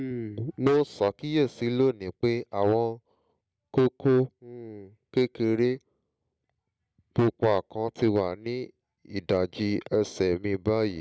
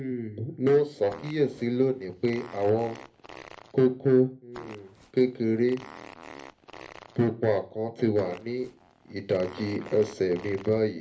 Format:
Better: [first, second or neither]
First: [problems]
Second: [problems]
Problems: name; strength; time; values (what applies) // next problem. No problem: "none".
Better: first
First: none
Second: background sound (Fart); 19 dB below the speech // room echo; dies away in 0.3 s